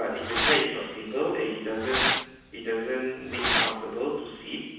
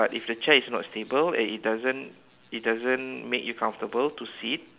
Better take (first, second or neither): second